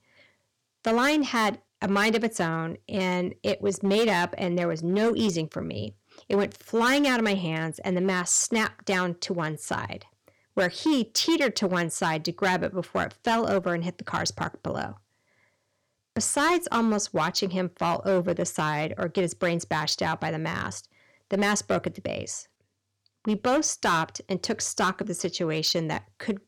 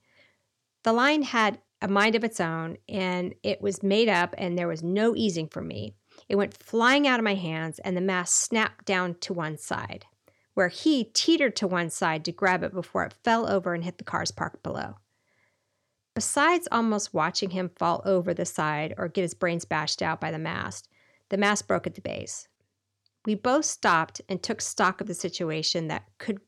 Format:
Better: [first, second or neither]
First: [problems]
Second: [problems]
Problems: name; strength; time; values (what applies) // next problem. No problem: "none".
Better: second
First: distortion; slight; 6% of the sound clipped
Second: none